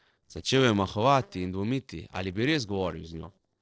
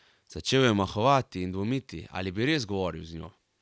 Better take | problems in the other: second | noise reduction (neural separator model SepFormer DNS4)

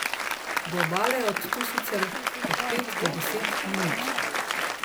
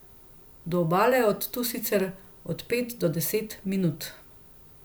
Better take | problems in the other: second | background sound (Applause); 4 dB above the speech

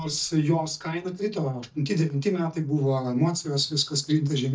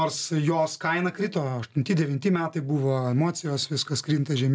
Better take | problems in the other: second | noise reduction (neural mask model DeepFilterNet 3)

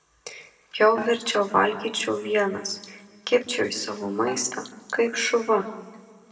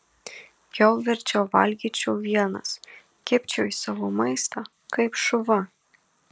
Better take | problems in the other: second | background sound (Dishes, pots, and pans); 19 dB below the speech // room echo; dies away in 1.2 s

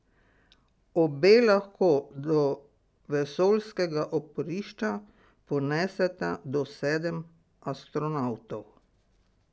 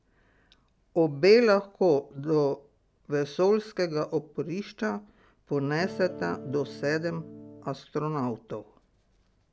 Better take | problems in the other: first | background sound (Electric guitar / Strum); 14 dB below the speech

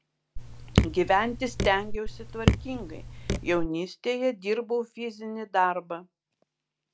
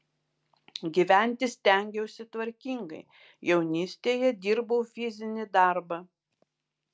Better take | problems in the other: second | background sound (Raindrop / Drip); 1 dB above the speech

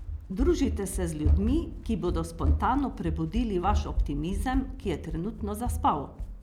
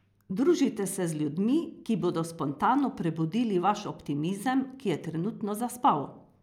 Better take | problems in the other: second | background sound (Run); 1 dB below the speech

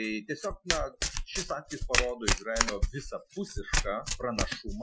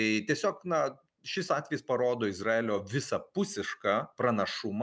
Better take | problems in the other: second | noise reduction (classical method Wiener filter)

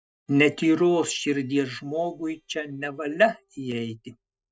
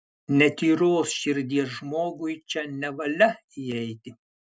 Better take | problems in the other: second | noise reduction (neural mask model DeepFilterNet 3)

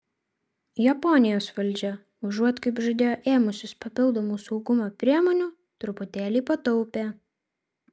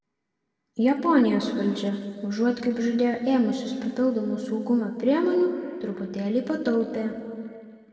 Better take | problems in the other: first | room echo; dies away in 2.1 s

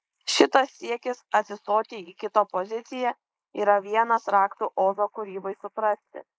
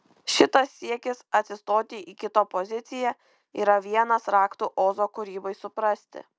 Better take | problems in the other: second | noise reduction (neural mask model Resemble Enhance denoiser)

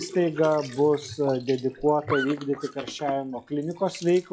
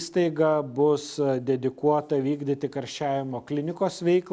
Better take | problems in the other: second | noise reduction (classical method log-MMSE)

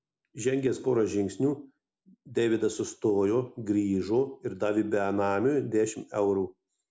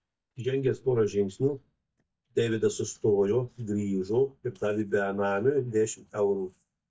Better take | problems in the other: first | noise reduction (neural mask model DeepFilterNet 3)

